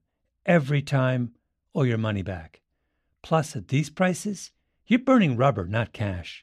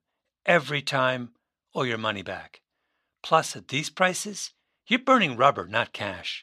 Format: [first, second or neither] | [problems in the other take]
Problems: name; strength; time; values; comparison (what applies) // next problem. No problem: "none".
first | thin; somewhat; fading below 750 Hz